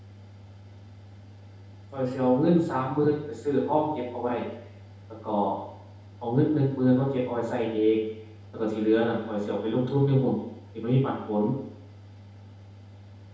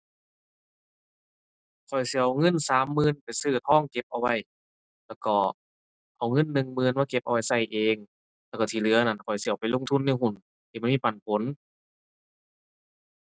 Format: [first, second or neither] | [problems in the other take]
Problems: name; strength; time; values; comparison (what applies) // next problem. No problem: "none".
second | background sound (Mechanical fan); 19 dB below the speech // room echo; dies away in 2 s